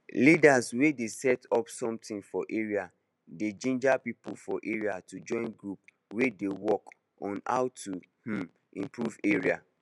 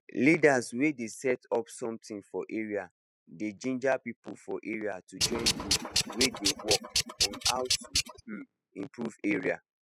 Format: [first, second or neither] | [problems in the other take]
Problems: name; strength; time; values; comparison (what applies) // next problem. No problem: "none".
first | noise reduction (classical method spectral subtraction)